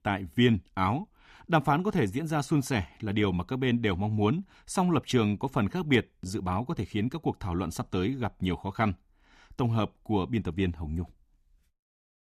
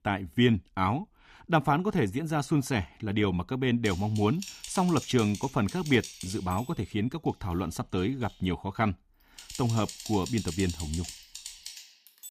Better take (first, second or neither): first